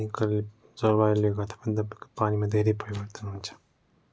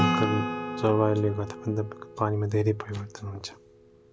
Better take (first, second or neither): first